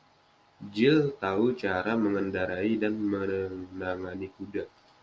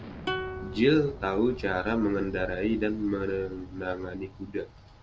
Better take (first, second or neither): first